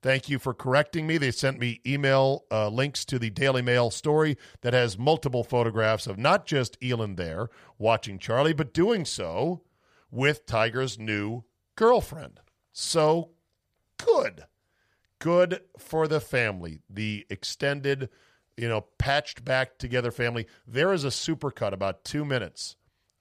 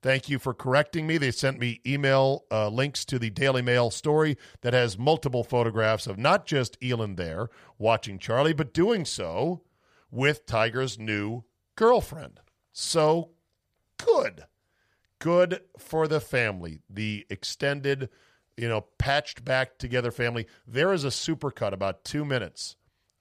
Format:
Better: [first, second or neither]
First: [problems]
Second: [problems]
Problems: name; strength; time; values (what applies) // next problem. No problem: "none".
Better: neither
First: none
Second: none